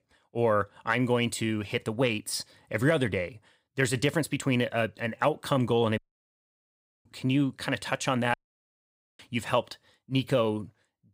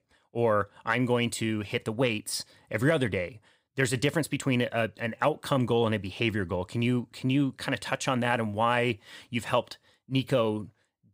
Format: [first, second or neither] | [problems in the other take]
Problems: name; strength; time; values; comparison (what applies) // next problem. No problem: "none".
second | audio cutting out; at 6 s for 1 s and at 8.5 s for 1 s